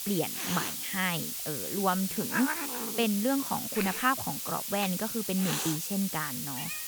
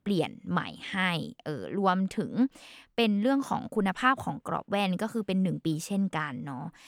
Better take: second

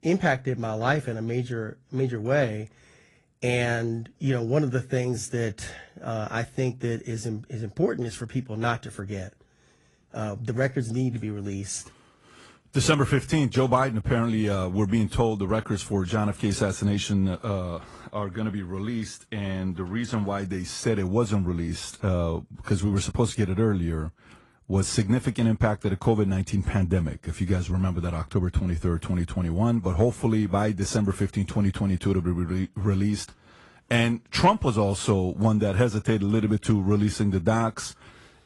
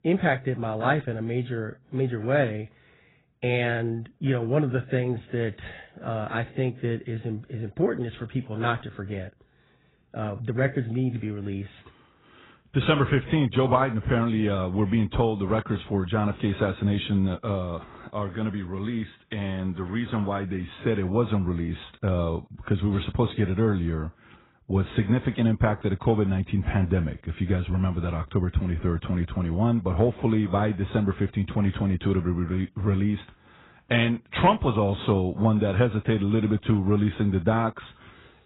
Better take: first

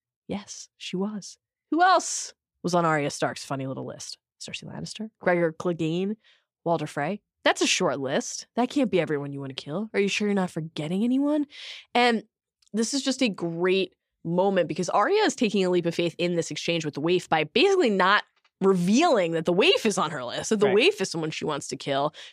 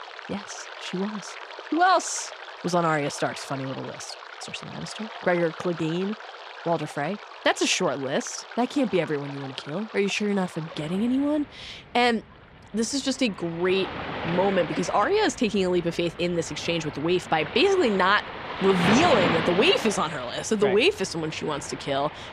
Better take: first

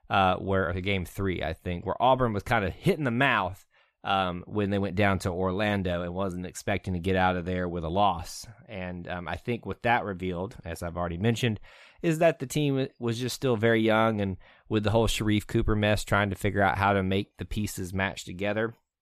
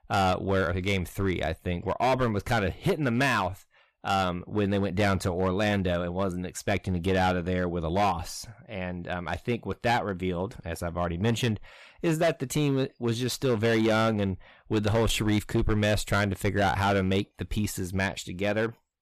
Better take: first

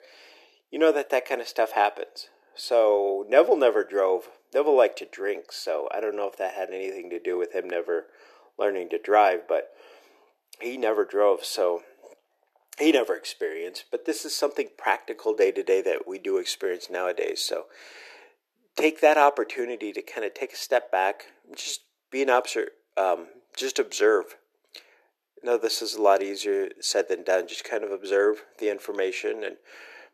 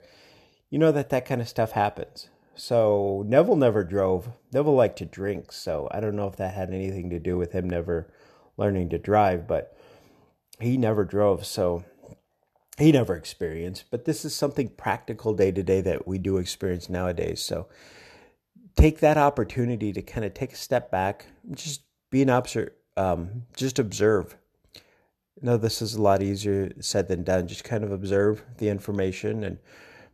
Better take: second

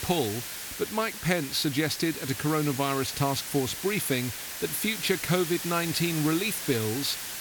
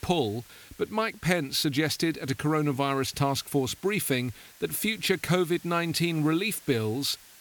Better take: second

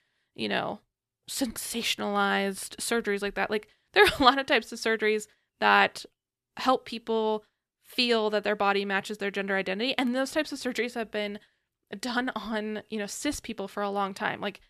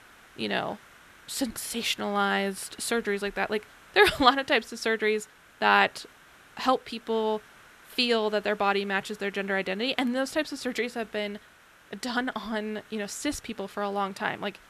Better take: first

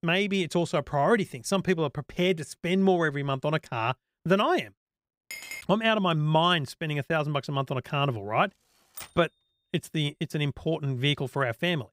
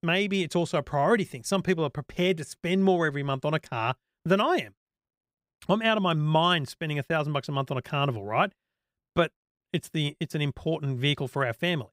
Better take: second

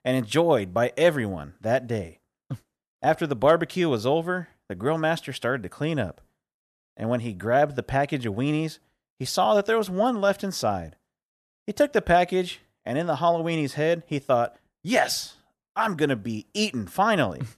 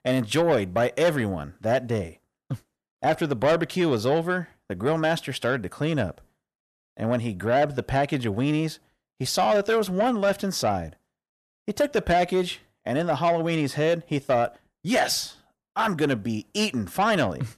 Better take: first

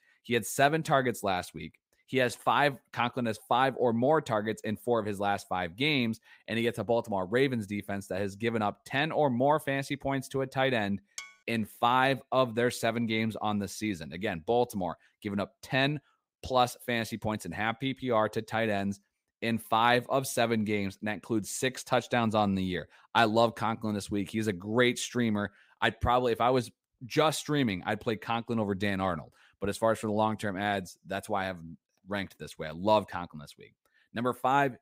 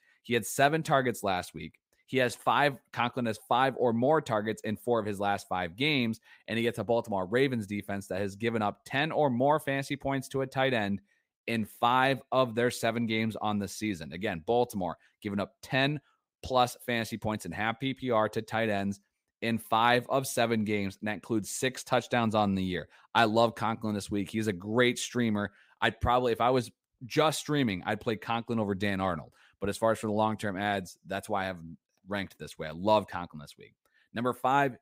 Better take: second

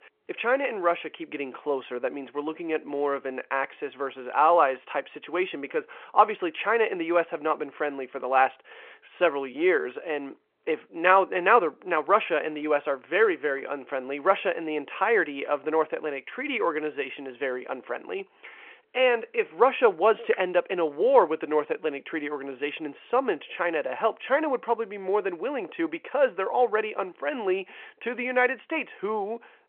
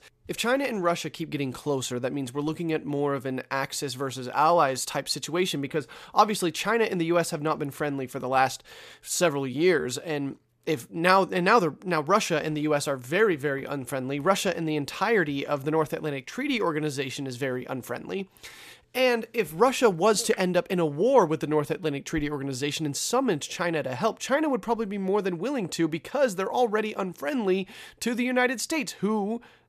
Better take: second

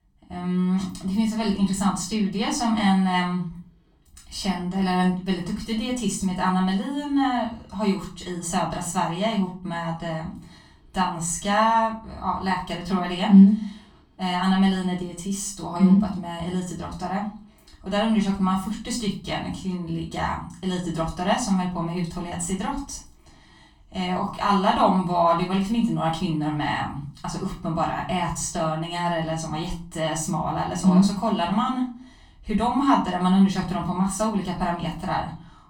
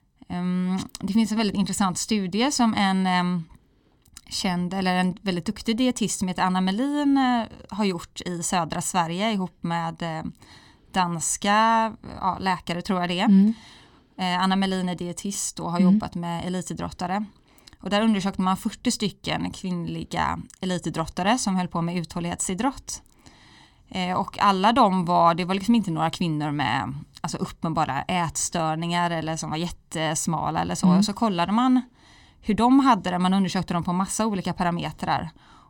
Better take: second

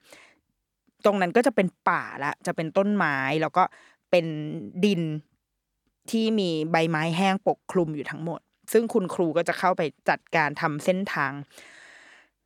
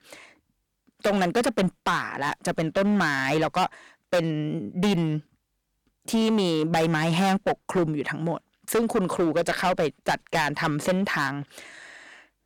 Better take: first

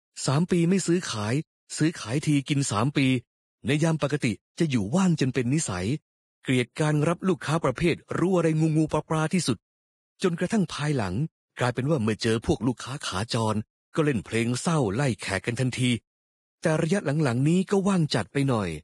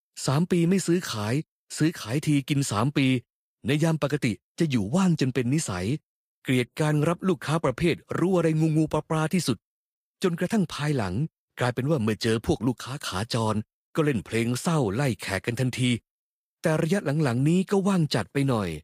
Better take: second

